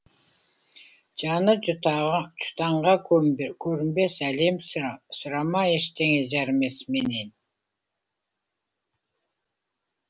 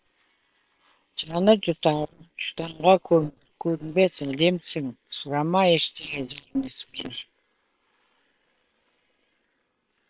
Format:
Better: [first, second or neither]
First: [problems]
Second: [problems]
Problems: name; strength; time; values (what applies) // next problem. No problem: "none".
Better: first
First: none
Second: noise reduction (neural separator model SepFormer WHAM!)